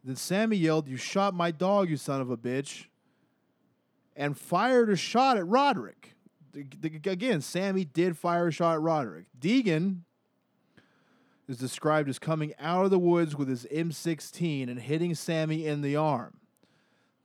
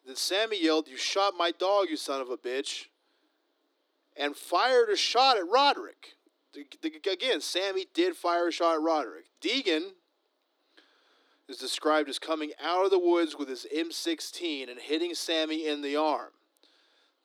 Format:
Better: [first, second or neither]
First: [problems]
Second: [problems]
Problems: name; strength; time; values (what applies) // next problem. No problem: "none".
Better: first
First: none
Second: thin; somewhat; fading below 300 Hz